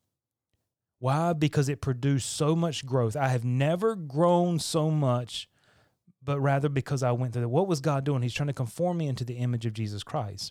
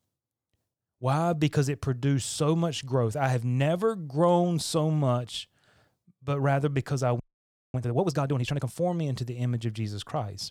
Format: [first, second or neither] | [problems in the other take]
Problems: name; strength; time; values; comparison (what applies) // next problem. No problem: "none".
first | audio freezing; at 7 s for 0.5 s